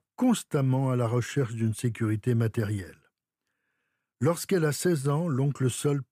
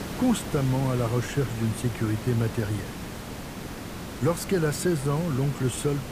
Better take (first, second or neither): first